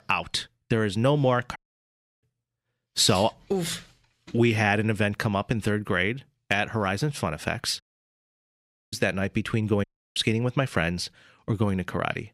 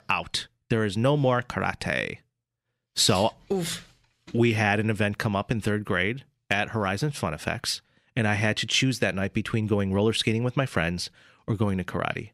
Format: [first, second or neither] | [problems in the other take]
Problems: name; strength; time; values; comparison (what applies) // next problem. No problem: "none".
second | audio cutting out; at 1.5 s for 0.5 s, at 8 s for 1 s and at 10 s